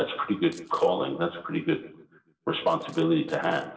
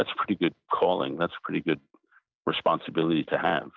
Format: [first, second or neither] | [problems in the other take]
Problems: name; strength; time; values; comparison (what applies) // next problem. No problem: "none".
second | noise reduction (neural separator model SepFormer DNS4)